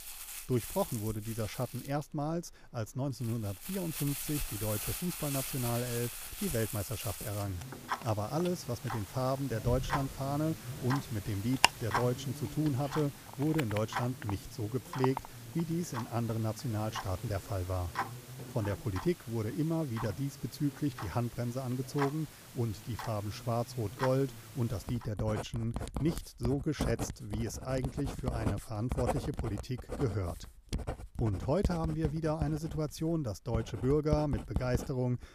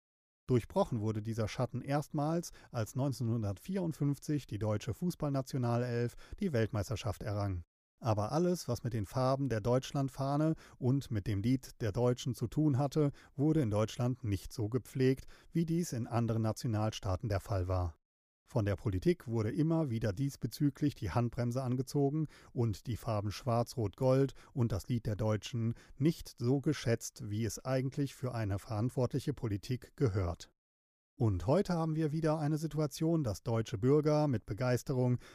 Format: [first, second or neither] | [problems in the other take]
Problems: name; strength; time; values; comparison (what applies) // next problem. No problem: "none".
second | household noises; loud; throughout; 5 dB below the speech